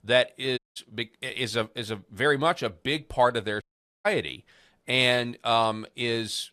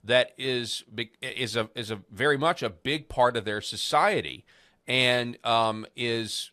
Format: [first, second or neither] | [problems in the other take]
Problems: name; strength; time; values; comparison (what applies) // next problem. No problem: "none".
second | audio cutting out; at 0.5 s and at 3.5 s